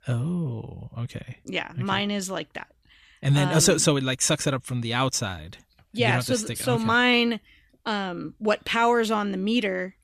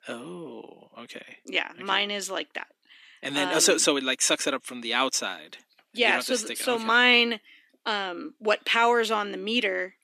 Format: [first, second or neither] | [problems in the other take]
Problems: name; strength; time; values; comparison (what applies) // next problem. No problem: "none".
first | thin; somewhat; fading below 250 Hz